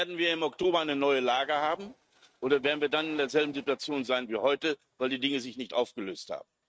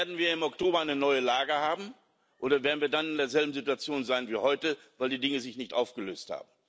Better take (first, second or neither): second